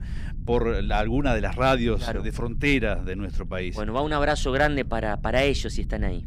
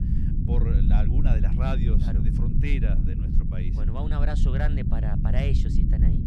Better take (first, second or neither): first